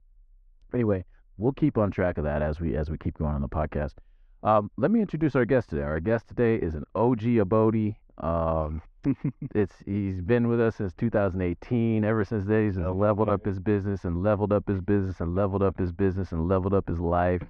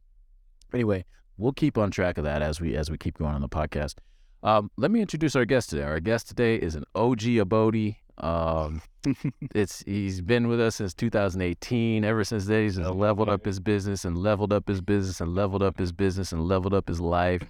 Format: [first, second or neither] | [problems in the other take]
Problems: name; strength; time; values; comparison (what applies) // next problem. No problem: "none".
second | muffled; very; fading above 1.5 kHz